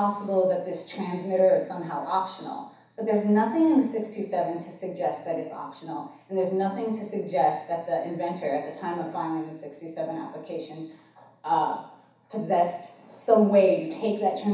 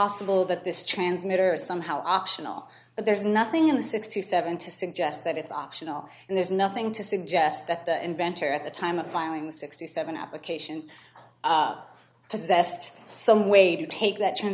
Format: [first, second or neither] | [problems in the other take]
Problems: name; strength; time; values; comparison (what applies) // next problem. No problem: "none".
second | room echo; dies away in 0.7 s